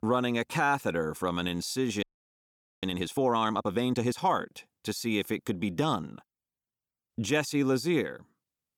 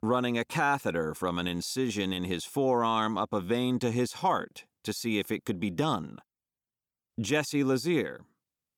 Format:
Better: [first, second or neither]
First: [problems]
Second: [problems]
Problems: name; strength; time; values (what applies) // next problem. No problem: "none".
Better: second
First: audio freezing; at 2 s for 1 s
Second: none